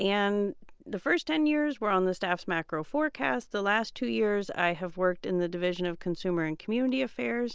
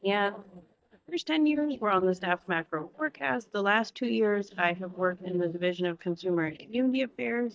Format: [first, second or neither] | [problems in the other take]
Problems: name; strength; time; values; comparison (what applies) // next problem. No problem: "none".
first | noise reduction (neural mask model DeepFilterNet 3)